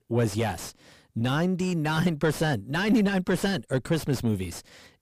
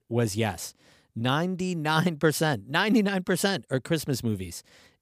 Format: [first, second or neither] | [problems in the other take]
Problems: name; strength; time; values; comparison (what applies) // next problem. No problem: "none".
second | distortion; heavy; 6 dB below the speech